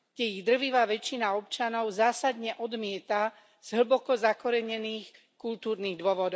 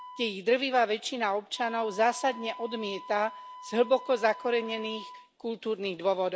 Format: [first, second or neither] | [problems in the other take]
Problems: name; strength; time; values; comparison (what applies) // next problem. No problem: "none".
first | background sound (Wind instrument, woodwind instrument); 17 dB below the speech